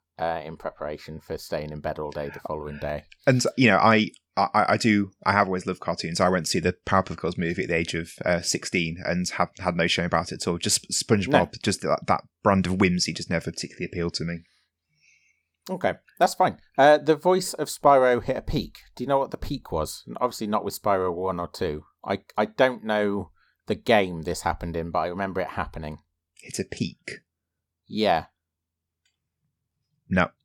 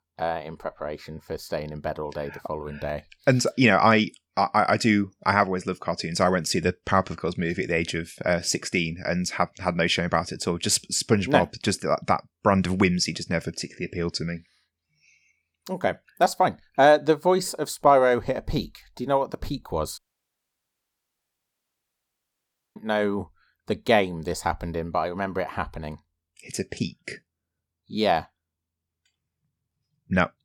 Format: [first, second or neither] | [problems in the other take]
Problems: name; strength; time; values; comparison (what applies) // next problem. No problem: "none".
first | audio cutting out; at 20 s for 3 s